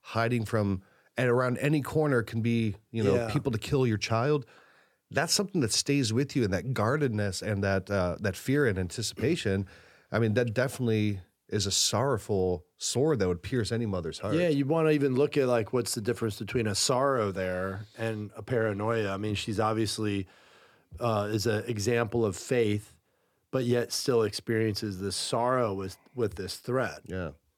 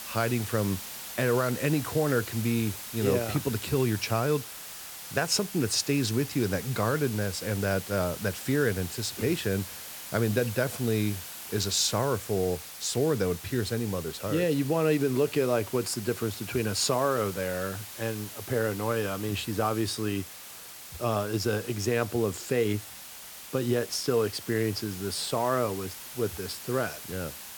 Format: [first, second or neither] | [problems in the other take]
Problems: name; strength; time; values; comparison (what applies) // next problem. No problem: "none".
first | hiss; noticeable; throughout; 10 dB below the speech